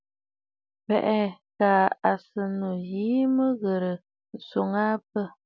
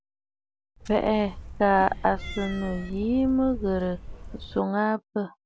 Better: first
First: none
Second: background sound (Cat); 11 dB below the speech

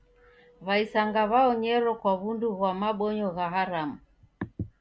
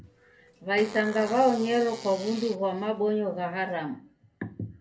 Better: first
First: none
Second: background sound (Fart); 17 dB below the speech // room echo; dies away in 0.3 s

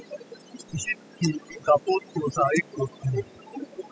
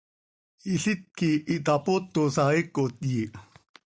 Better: second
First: noise reduction (classical method spectral subtraction)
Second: none

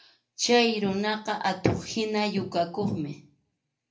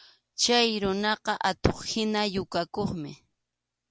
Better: second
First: room echo; dies away in 0.3 s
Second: none

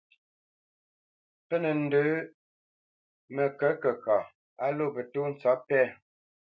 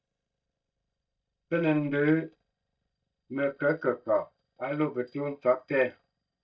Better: first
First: none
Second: noise reduction (neural mask model DeepFilterNet 3)

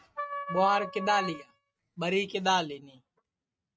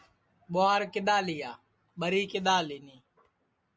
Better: second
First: noise reduction (neural mask model RNNoise)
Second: none

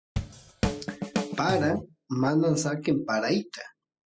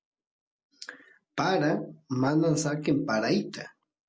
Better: second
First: noise reduction (classical method spectral subtraction)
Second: none

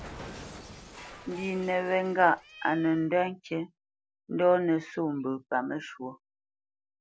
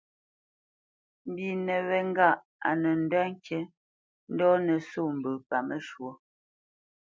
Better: second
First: background sound (Cat); 19 dB below the speech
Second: none

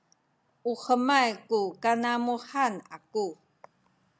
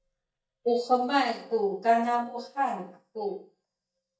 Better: first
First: none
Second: noise reduction (neural mask model DeepFilterNet 3)

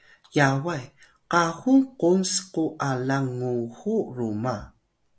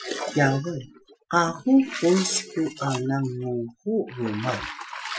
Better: first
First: none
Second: noise reduction (classical method Wiener filter)

